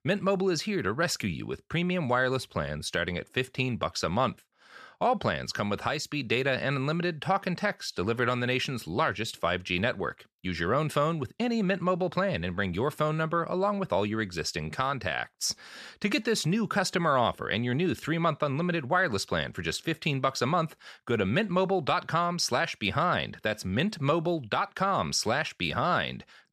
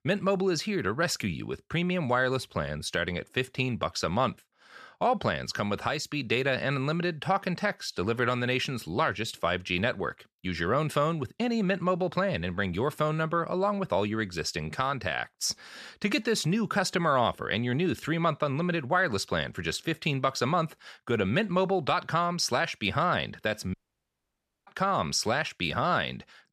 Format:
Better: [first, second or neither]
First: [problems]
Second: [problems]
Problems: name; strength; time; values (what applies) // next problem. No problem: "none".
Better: first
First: none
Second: audio cutting out; at 24 s for 1 s